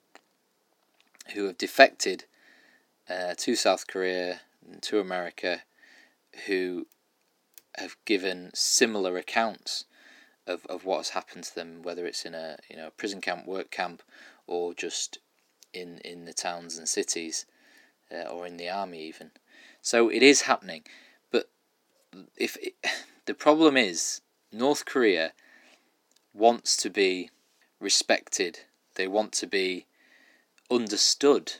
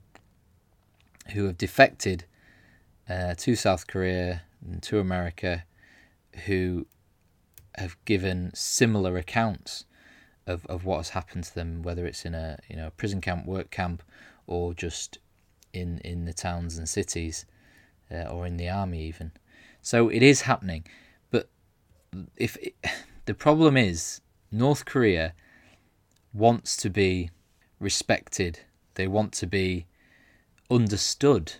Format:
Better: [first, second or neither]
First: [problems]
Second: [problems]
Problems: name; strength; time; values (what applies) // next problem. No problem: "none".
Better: second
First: thin; somewhat; fading below 300 Hz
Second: none